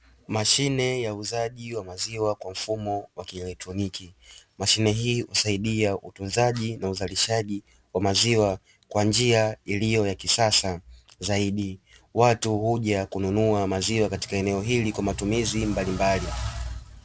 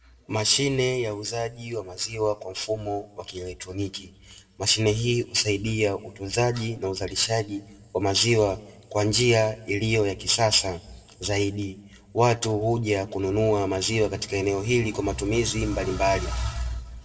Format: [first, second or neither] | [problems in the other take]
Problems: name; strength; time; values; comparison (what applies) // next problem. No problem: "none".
first | room echo; dies away in 0.6 s